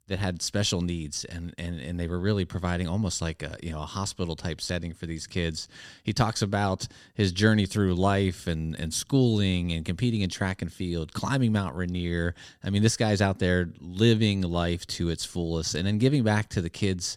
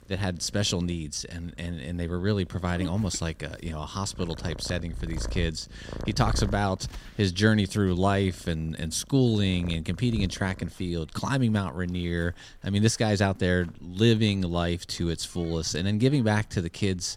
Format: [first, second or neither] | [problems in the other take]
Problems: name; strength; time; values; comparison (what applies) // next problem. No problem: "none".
first | animal sounds; noticeable; throughout; 15 dB below the speech